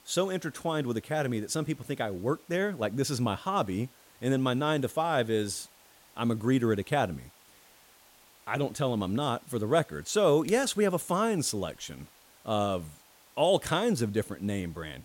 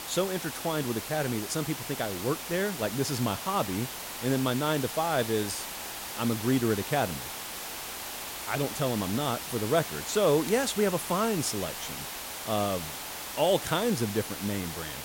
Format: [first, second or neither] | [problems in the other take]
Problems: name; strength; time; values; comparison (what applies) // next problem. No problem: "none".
first | hiss; loud; throughout; 6 dB below the speech; faint in the first